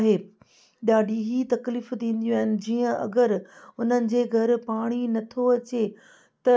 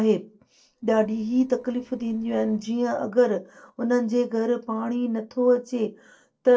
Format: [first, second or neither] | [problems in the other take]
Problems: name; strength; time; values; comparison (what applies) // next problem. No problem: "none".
first | noise reduction (neural separator model SepFormer DNS4)